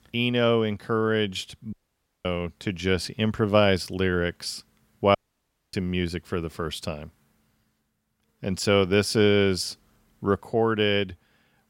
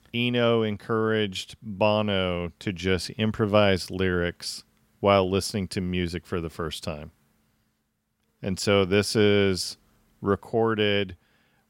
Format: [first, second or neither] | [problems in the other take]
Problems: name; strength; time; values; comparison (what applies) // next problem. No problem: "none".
second | audio cutting out; at 1.5 s for 0.5 s and at 5 s for 0.5 s